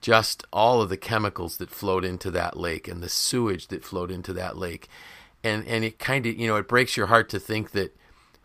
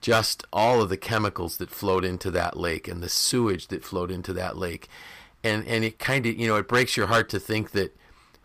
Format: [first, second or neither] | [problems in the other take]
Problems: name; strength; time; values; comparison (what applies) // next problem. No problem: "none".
first | distortion; slight; 2% of the sound clipped